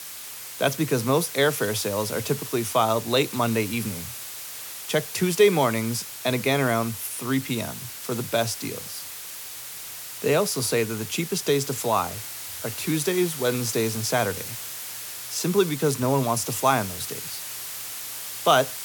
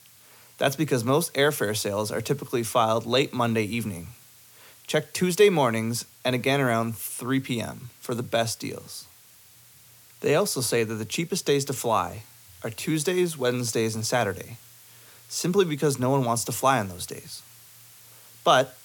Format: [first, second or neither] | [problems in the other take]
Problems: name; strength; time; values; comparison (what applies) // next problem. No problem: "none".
second | hiss; loud; throughout; 9 dB below the speech; faint in the second